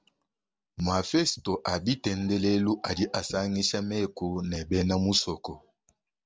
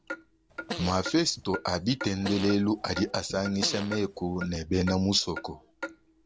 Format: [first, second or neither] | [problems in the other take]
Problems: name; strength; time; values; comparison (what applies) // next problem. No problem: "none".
first | background sound (Clock + Fart); 11 dB below the speech